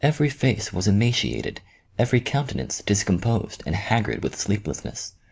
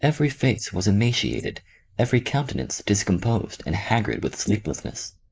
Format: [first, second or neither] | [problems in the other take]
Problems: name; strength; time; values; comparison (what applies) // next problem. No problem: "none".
first | noise reduction (neural mask model Resemble Enhance denoiser)